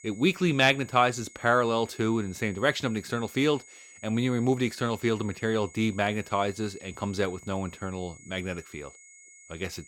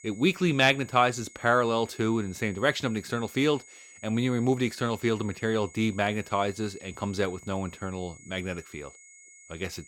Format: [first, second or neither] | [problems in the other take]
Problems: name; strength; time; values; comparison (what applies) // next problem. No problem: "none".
neither | high-pitched whine; faint; throughout; 2 kHz, 20 dB below the speech; the same in both